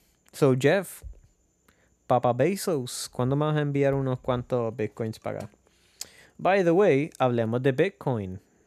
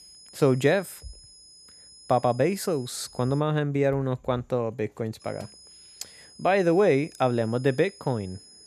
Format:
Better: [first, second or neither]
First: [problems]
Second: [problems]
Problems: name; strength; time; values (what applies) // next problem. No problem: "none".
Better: first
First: none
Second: high-pitched whine; faint; until 3.5 s and from 5 s on; 5 kHz, 20 dB below the speech